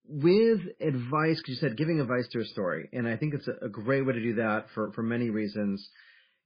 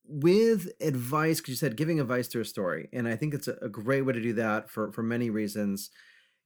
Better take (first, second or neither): second